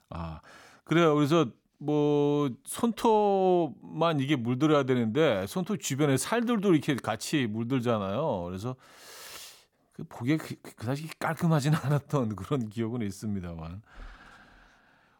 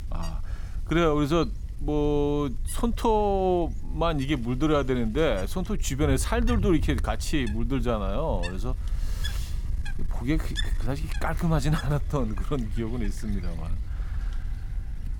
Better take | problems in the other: first | wind noise on the microphone; occasional gusts; 15 dB below the speech

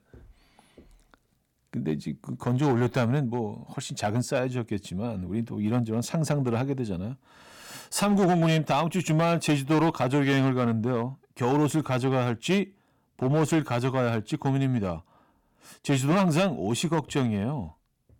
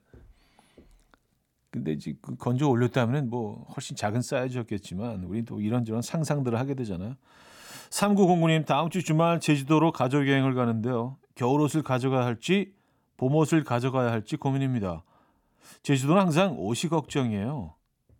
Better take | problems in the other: second | distortion; slight; 5% of the sound clipped

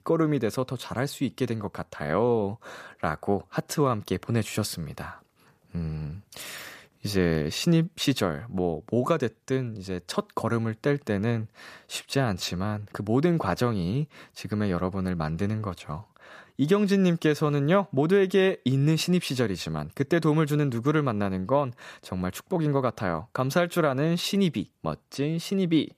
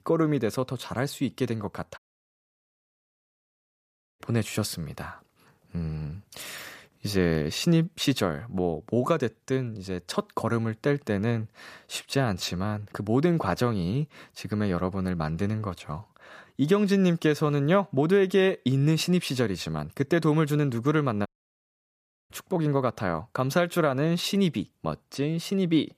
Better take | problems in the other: first | audio cutting out; at 2 s for 2 s and at 21 s for 1 s

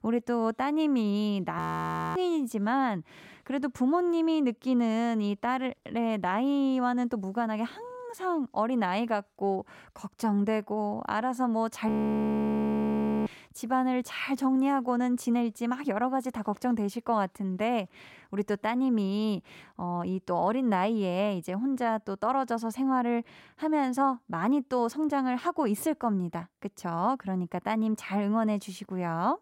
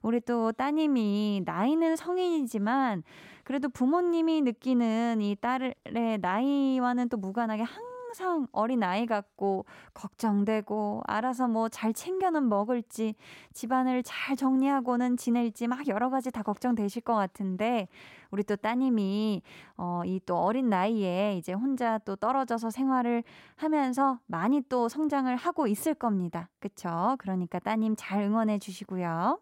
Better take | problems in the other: second | audio freezing; at 1.5 s for 0.5 s and at 12 s for 1.5 s

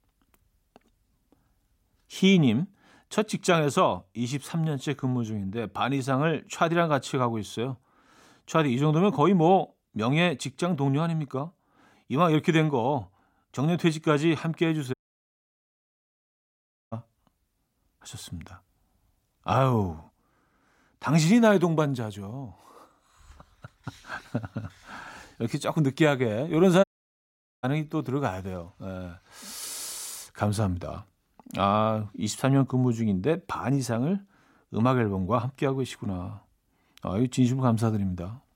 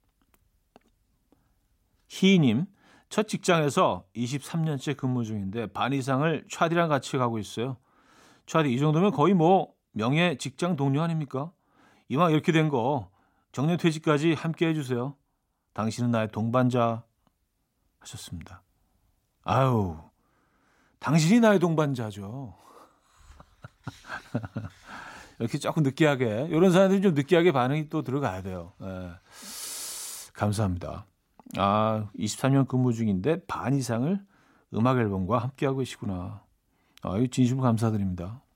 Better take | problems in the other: second | audio cutting out; at 15 s for 2 s and at 27 s for 1 s

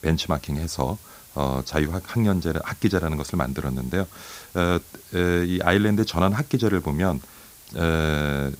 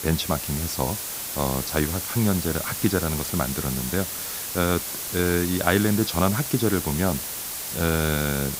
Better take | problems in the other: first | hiss; loud; throughout; 3 dB below the speech; faint in the first

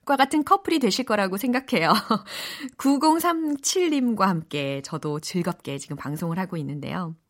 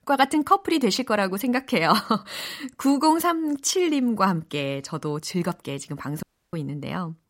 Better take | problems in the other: first | audio cutting out; at 6 s

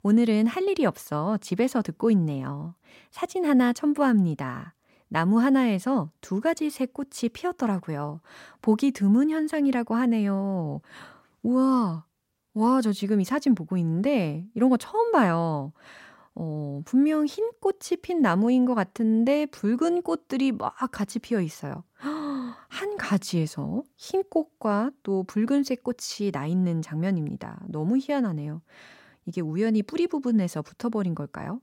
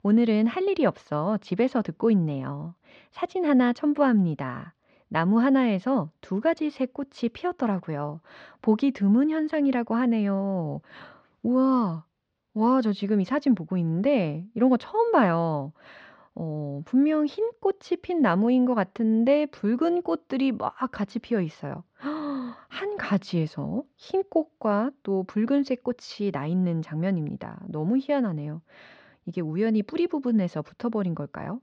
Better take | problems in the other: first | muffled; slightly; fading above 4.5 kHz

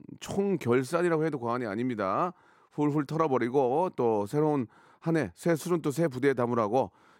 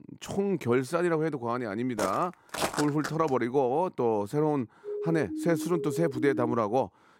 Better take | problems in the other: first | footsteps; noticeable; from 2 to 3.5 s; peak 2 dB below the speech // siren; noticeable; from 5 to 6.5 s; peak 5 dB below the speech

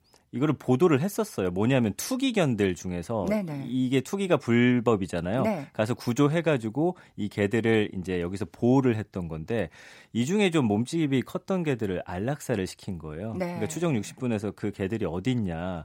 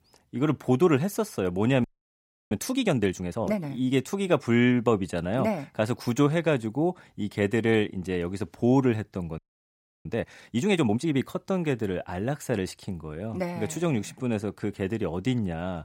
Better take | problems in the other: first | audio freezing; at 2 s for 0.5 s and at 9.5 s for 0.5 s

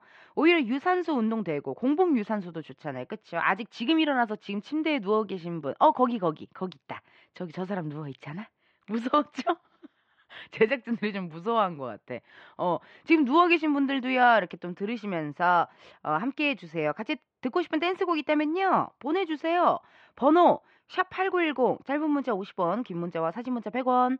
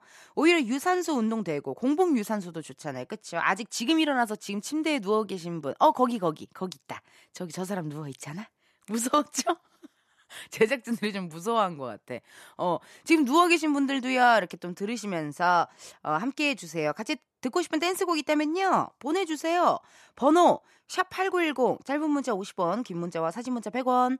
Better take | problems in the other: second | muffled; slightly; fading above 3.5 kHz

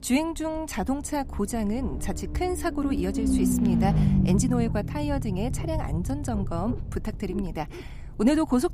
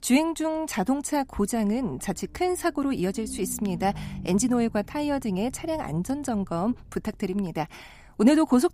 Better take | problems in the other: second | low rumble; loud; throughout; 4 dB below the speech; faint in the second

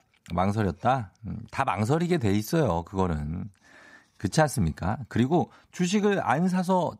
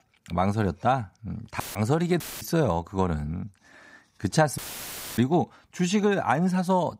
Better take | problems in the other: first | audio cutting out; filled with static; at 1.5 s, at 2 s and at 4.5 s for 0.5 s

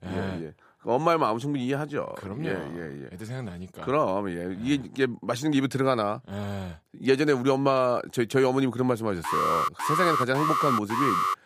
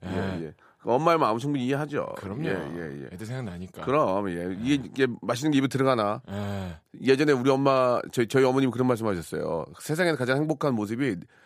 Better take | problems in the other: second | alarm; loud; from 9 s on; peak 2 dB above the speech

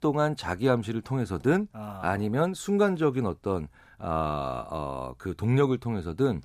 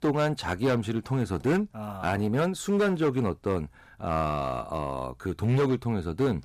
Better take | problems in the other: first | distortion; slight; 7% of the sound clipped

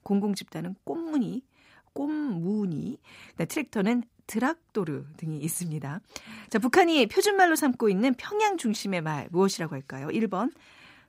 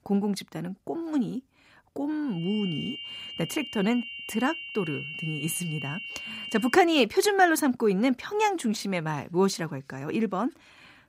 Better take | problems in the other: first | high-pitched whine; loud; from 2.5 to 6.5 s; 3 kHz, 9 dB below the speech

